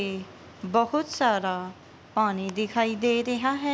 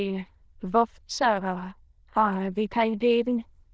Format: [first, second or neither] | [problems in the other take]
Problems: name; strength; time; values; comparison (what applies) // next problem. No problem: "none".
first | noise reduction (neural diffusion model UNIVERSE++)